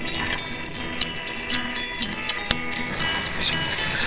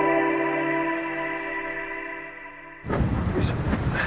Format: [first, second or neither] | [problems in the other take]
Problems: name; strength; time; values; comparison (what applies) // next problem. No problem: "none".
second | noise reduction (neural separator model SepFormer WHAMR!)